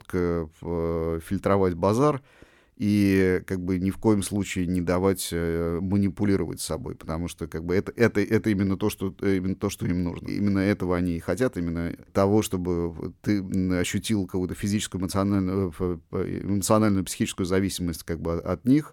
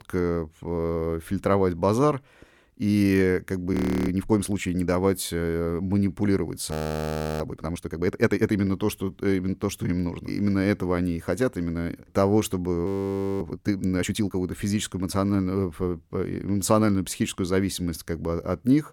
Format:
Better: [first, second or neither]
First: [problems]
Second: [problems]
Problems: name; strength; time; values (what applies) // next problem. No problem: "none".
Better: first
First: none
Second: audio freezing; at 3.5 s, at 6.5 s for 0.5 s and at 13 s for 0.5 s